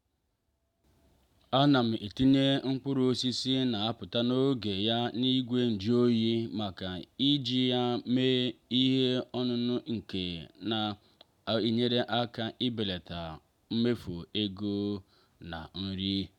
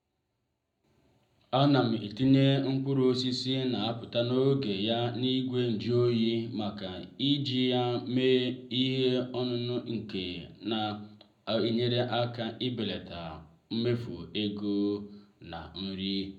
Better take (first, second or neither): first